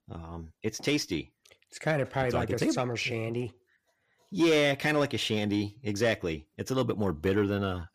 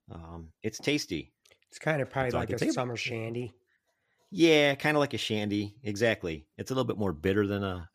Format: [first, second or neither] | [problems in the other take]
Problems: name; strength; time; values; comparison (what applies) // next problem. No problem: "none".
second | distortion; slight; 10 dB below the speech